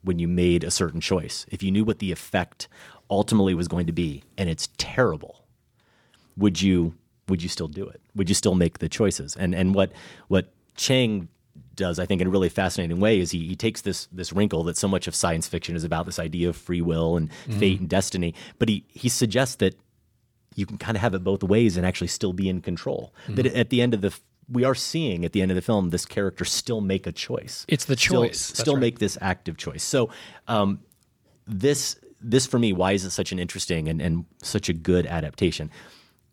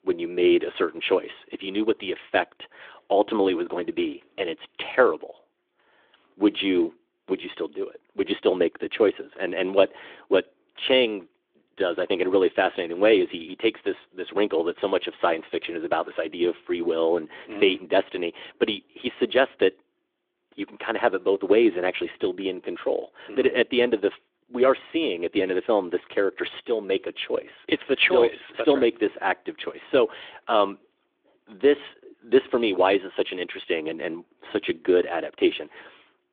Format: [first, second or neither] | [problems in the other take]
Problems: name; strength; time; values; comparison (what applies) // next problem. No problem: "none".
first | phone-call audio; nothing above 3.5 kHz